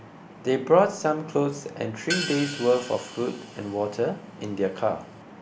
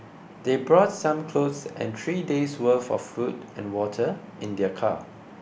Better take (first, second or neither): second